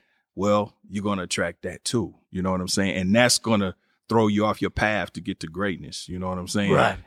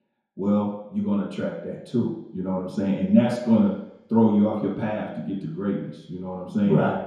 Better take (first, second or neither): first